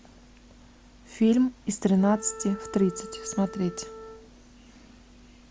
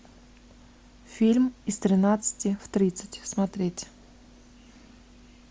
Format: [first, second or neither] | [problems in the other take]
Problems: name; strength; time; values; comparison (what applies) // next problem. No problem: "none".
second | background sound (Wind instrument, woodwind instrument); 15 dB below the speech